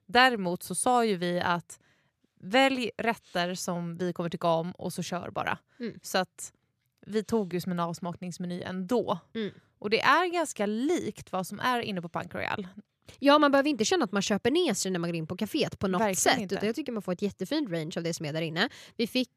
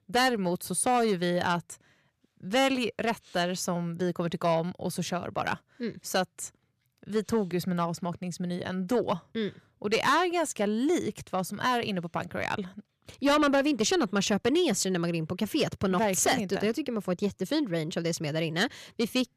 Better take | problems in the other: first | distortion; slight; 10 dB below the speech

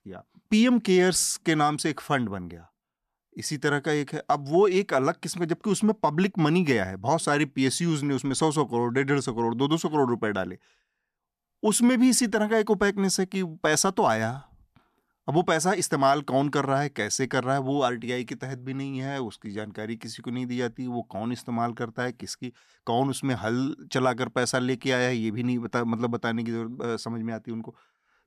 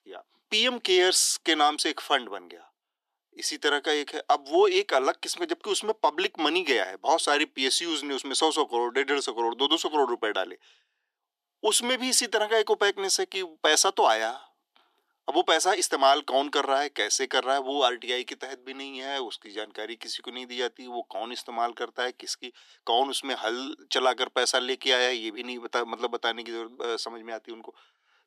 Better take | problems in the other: first | thin; very; fading below 350 Hz

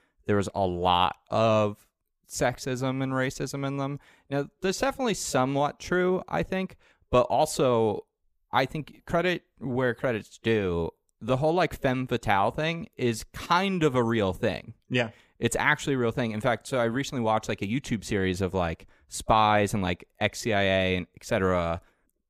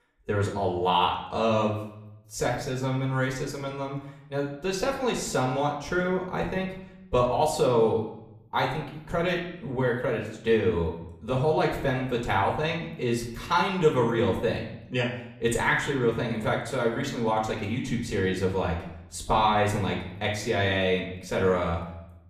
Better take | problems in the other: first | room echo; slight; dies away in 0.7 s // off-mic speech; far

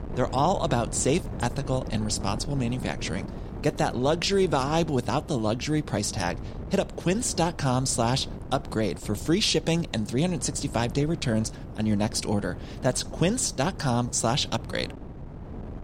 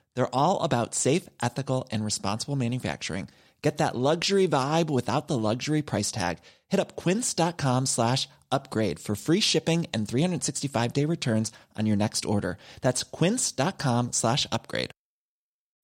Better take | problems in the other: second | wind noise on the microphone; occasional gusts; 15 dB below the speech

